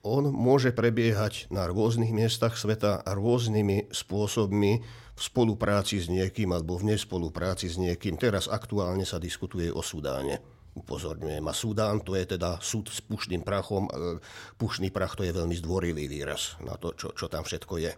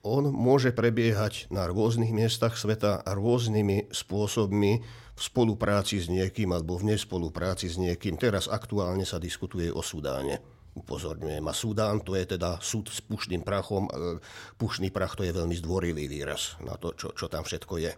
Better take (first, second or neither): neither